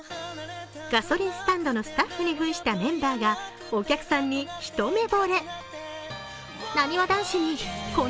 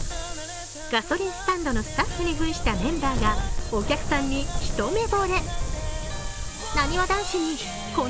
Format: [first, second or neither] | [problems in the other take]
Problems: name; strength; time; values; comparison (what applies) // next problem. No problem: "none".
first | background sound (Wind); 1 dB below the speech